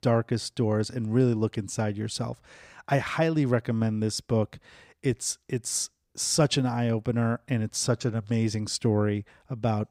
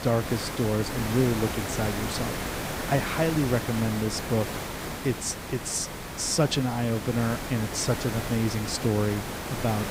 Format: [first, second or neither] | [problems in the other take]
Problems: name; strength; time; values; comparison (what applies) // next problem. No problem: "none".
first | hiss; loud; throughout; 5 dB below the speech